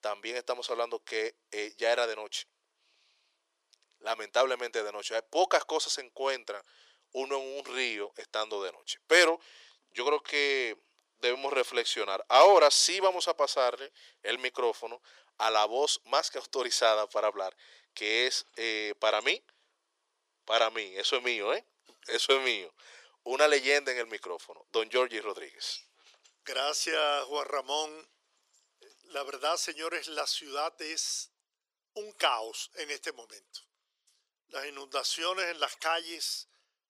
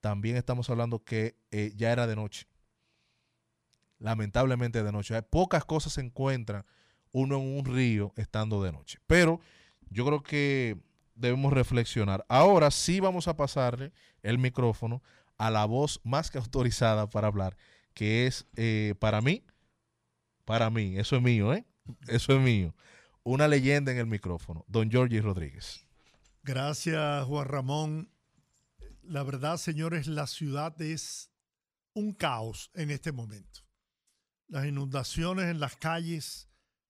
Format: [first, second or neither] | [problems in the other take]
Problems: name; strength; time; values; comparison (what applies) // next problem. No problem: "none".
second | thin; very; fading below 400 Hz